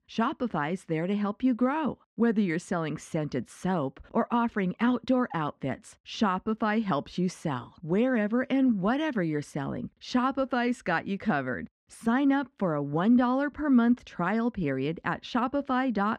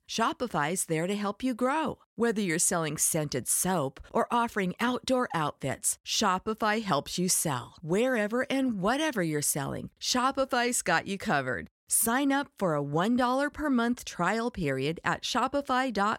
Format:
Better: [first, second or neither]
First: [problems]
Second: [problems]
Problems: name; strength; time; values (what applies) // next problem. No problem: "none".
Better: second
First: muffled; slightly; fading above 3 kHz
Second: none